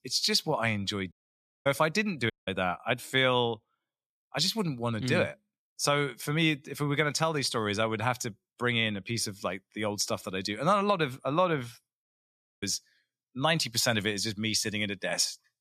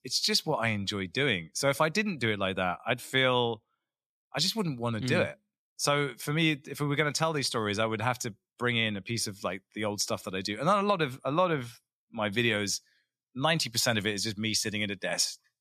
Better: second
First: audio cutting out; at 1 s for 0.5 s, at 2.5 s and at 12 s for 0.5 s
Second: none

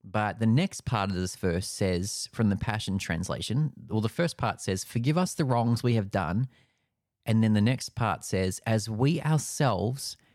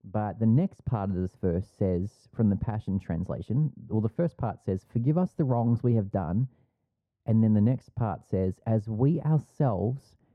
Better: first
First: none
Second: muffled; very; fading above 1.5 kHz

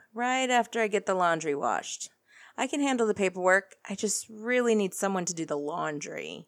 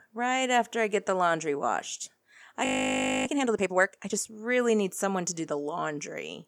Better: first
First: none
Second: audio freezing; at 2.5 s for 0.5 s

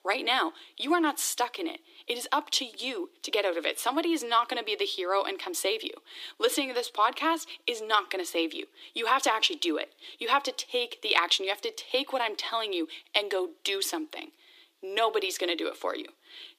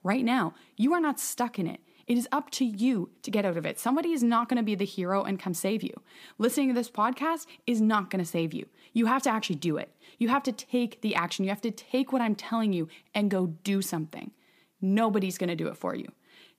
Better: second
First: thin; very; fading below 300 Hz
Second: none

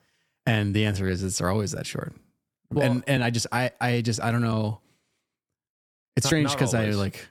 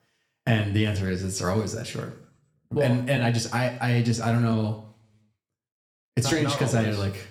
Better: first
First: none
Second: room echo; very slight; dies away in 0.5 s

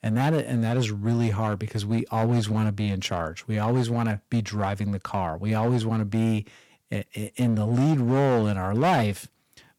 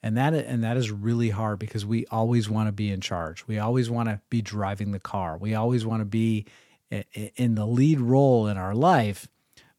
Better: second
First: distortion; slight; 11% of the sound clipped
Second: none

